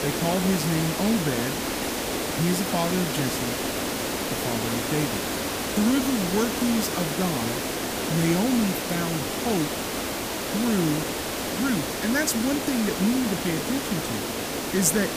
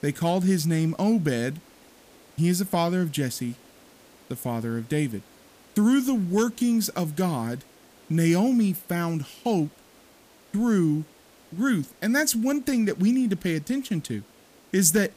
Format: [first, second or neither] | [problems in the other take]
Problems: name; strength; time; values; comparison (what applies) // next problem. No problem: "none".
second | hiss; loud; throughout; 1 dB below the speech; faint in the second